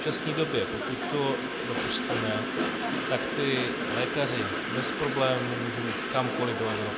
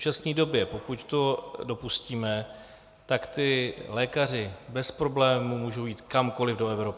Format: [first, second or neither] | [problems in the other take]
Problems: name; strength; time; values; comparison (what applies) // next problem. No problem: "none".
second | background sound (Train); as loud as the speech